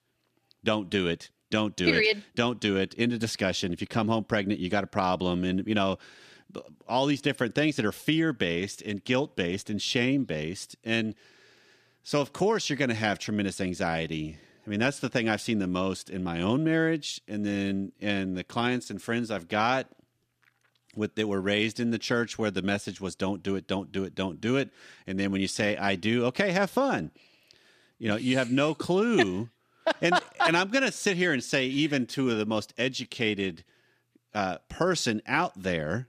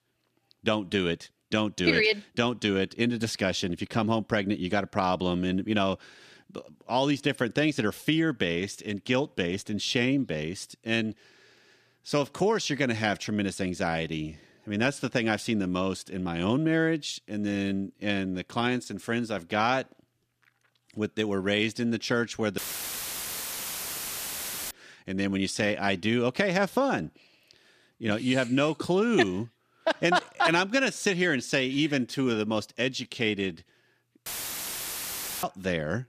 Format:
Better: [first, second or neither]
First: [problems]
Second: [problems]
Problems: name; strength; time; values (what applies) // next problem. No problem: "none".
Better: first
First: none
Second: audio cutting out; filled with static; at 23 s for 2 s and at 34 s for 1 s